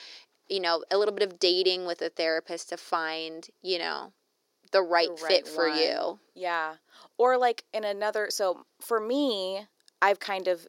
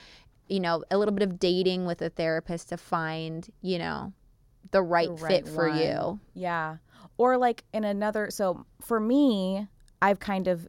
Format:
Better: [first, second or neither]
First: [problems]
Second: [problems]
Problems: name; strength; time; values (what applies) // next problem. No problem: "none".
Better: second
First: thin; somewhat; fading below 350 Hz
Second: none